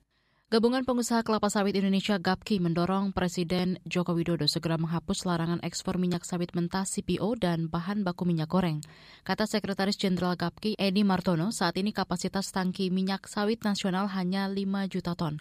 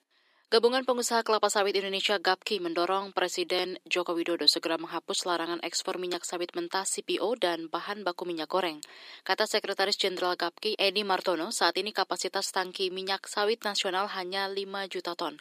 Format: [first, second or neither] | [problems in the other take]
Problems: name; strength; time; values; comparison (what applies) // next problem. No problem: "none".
first | thin; very; fading below 300 Hz